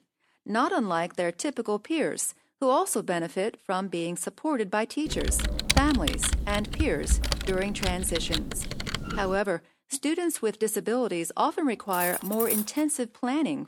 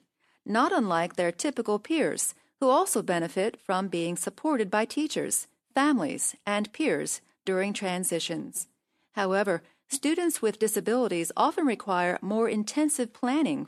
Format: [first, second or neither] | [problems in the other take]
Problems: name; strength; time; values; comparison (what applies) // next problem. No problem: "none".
second | keyboard typing; loud; from 5 to 9.5 s; peak 3 dB above the speech // clattering dishes; loud; at 12 s; peak 1 dB above the speech